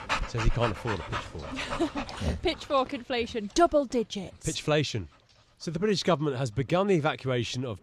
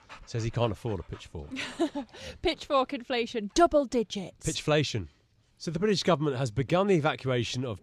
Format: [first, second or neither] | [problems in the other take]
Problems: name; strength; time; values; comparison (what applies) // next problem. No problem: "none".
second | animal sounds; loud; throughout; 7 dB below the speech; faint in the second